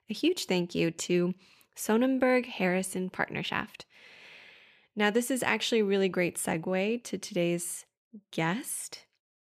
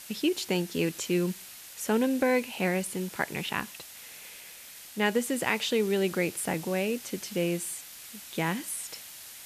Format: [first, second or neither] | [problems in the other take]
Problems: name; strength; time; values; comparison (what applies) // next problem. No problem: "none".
first | hiss; noticeable; throughout; 15 dB below the speech